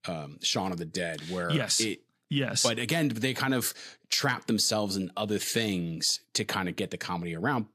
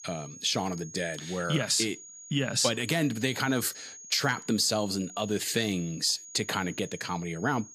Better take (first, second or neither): first